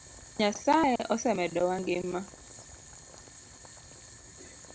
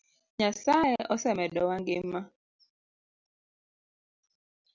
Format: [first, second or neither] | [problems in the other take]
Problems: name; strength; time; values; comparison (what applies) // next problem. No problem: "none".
second | background sound (Boiling); 17 dB below the speech